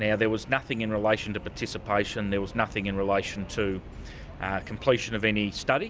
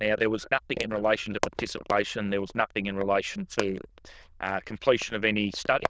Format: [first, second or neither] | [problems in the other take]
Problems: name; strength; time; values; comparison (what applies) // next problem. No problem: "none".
first | noise reduction (neural diffusion model UNIVERSE++)